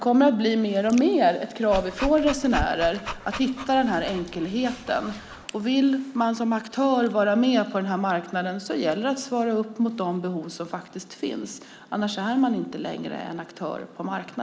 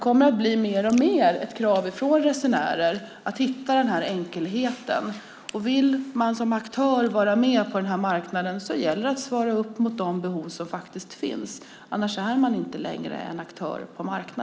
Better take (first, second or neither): second